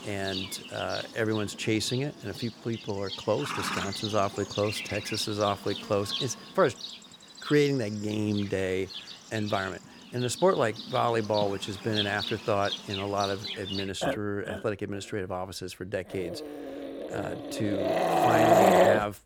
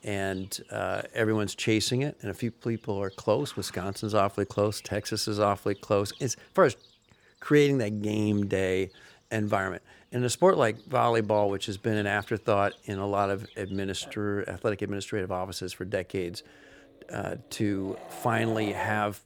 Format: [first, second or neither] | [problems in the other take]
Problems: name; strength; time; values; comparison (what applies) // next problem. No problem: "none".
second | animal sounds; loud; throughout; 1 dB below the speech; faint in the second